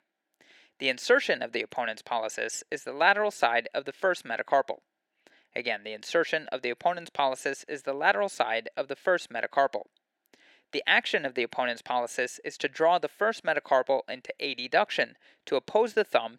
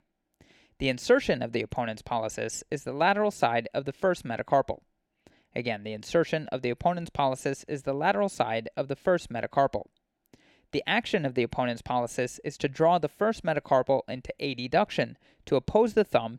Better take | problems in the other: second | thin; somewhat; fading below 400 Hz

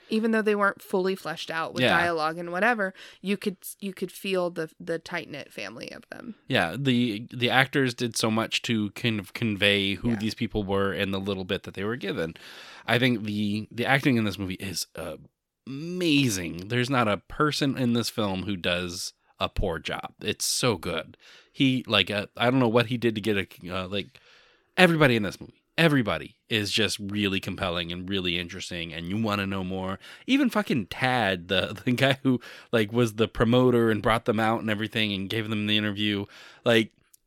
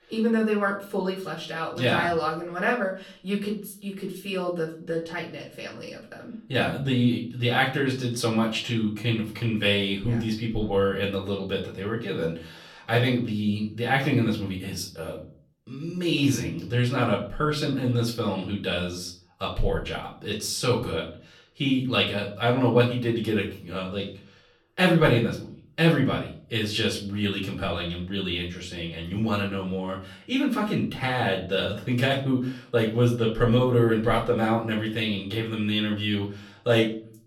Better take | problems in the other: first | room echo; slight; dies away in 0.4 s // off-mic speech; far

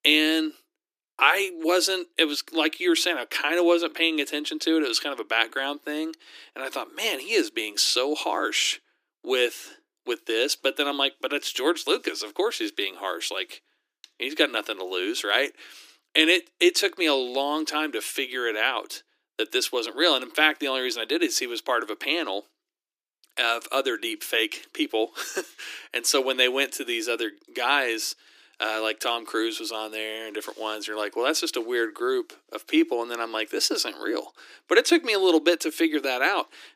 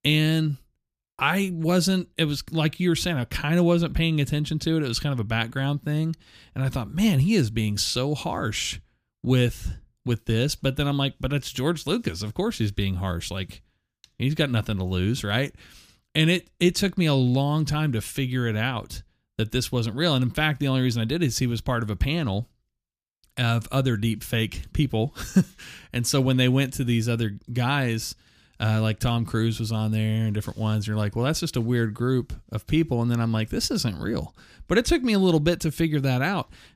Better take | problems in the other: second | thin; very; fading below 300 Hz

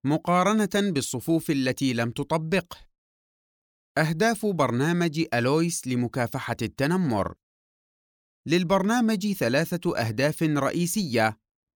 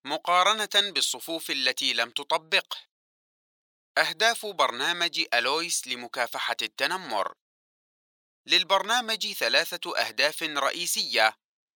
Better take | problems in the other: first | thin; very; fading below 800 Hz

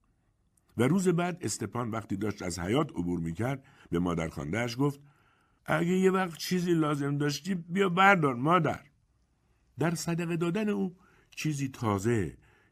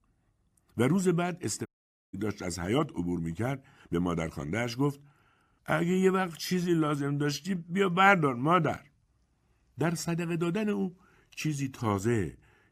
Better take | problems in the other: first | audio cutting out; at 1.5 s

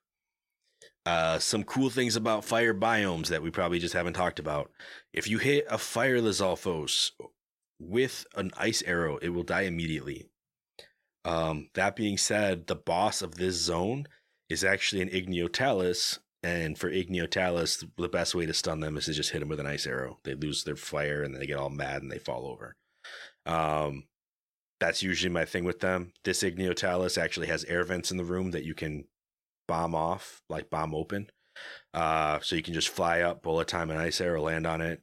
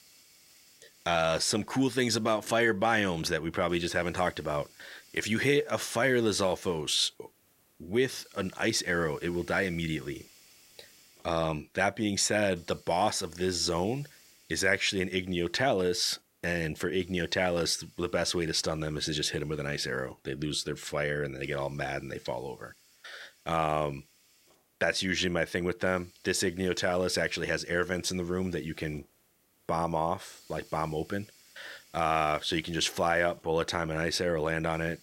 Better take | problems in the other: first | hiss; faint; throughout; 30 dB below the speech

